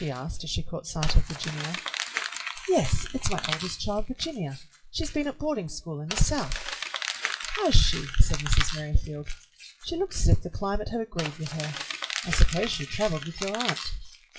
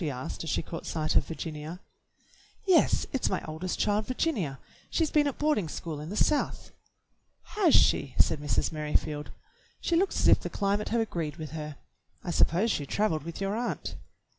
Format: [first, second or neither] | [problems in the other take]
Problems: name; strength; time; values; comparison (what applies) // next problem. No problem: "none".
second | noise reduction (classical method WPE with log-MMSE)